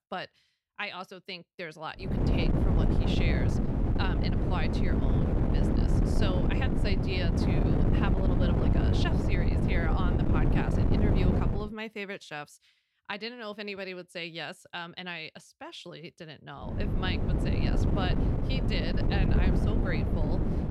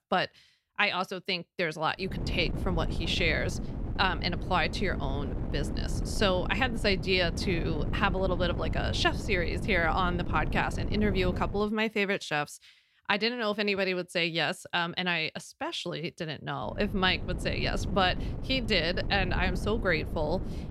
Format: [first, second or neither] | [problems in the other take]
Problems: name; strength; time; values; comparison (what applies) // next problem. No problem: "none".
second | wind noise on the microphone; heavy; from 2 to 12 s and from 17 s on; 2 dB above the speech; occasional gusts in the second